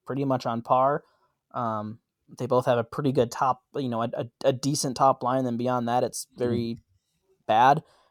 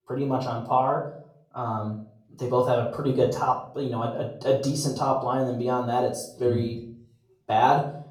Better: first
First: none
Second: off-mic speech; far // room echo; slight; dies away in 0.5 s

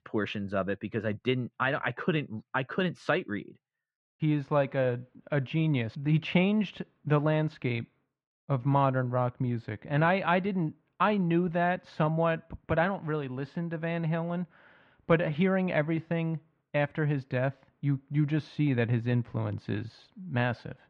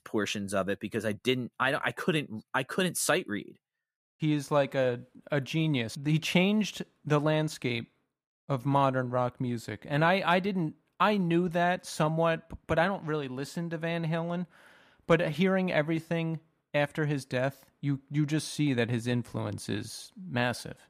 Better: second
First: muffled; slightly; fading above 3 kHz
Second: none

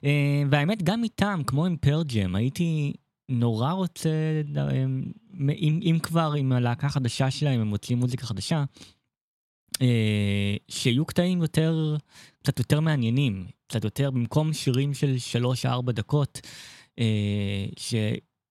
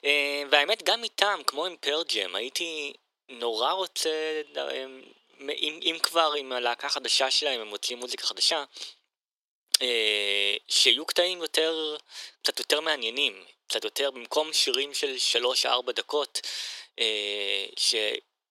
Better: first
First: none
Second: thin; very; fading below 400 Hz

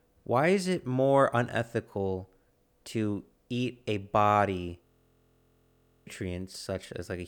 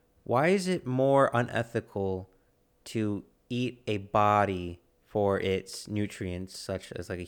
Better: second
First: audio freezing; at 5 s for 1 s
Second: none

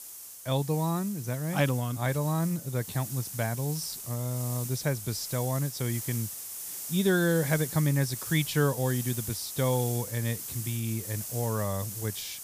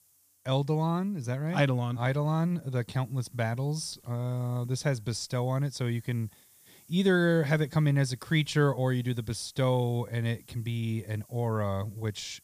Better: second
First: hiss; loud; throughout; 7 dB below the speech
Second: hiss; faint; throughout; 30 dB below the speech

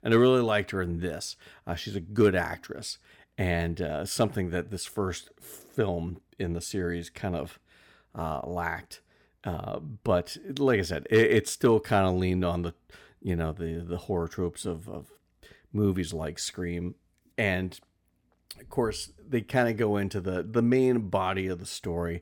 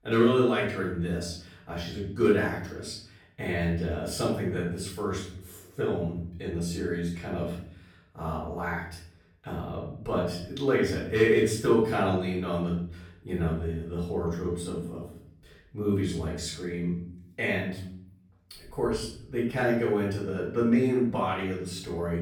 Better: first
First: none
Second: off-mic speech; far // room echo; noticeable; dies away in 0.6 s

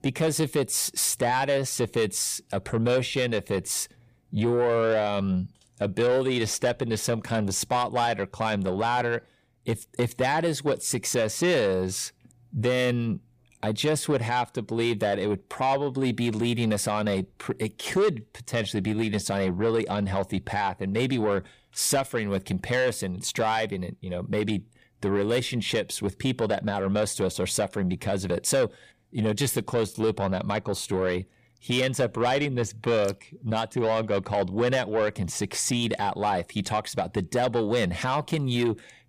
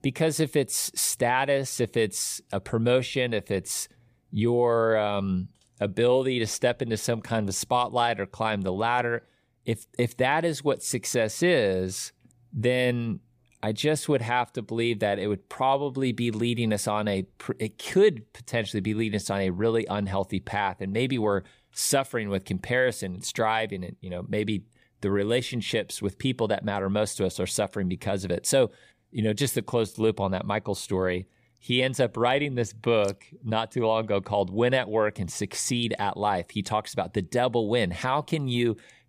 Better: second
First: distortion; slight; 10 dB below the speech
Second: none

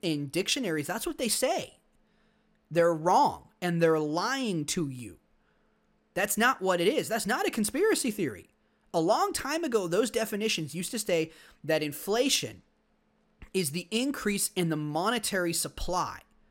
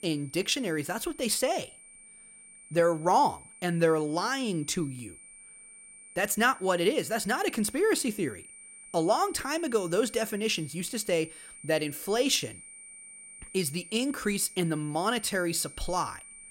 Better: first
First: none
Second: high-pitched whine; noticeable; throughout; 9 kHz, 20 dB below the speech

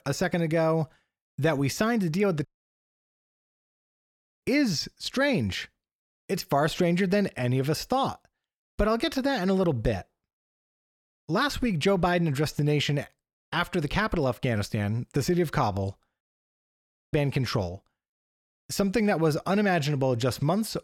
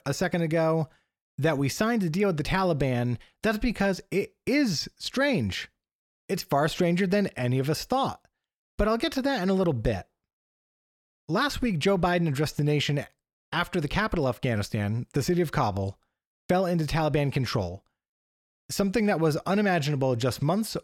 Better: second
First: audio cutting out; at 2.5 s for 2 s and at 16 s for 1 s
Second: none

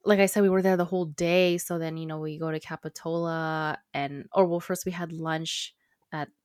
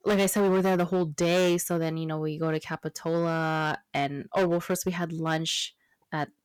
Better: first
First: none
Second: distortion; heavy; 9% of the sound clipped

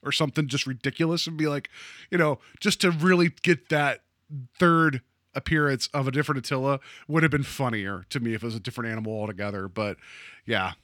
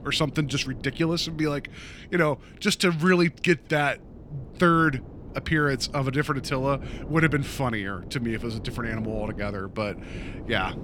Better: first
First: none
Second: wind noise on the microphone; occasional gusts; 20 dB below the speech

